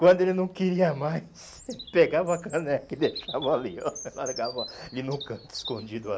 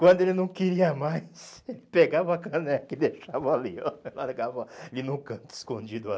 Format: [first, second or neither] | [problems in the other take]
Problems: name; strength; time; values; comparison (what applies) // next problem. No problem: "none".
second | background sound (Bird vocalization, bird call, bird song); 17 dB below the speech